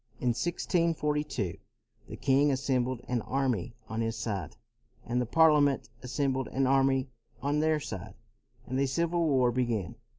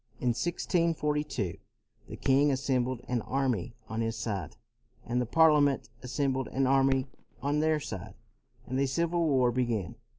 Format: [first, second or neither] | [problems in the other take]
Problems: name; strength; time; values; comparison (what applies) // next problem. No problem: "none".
first | background sound (Fireworks); 18 dB below the speech